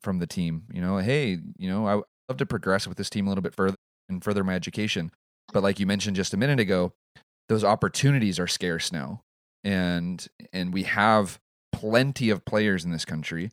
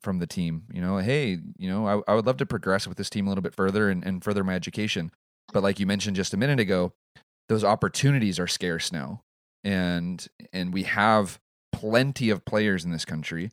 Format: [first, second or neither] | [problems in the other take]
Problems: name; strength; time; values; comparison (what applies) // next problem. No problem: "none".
second | audio cutting out; at 2 s and at 4 s